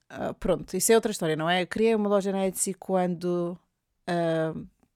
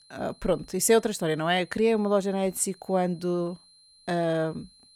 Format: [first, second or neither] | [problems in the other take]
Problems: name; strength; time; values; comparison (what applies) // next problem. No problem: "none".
first | high-pitched whine; faint; throughout; 4 kHz, 30 dB below the speech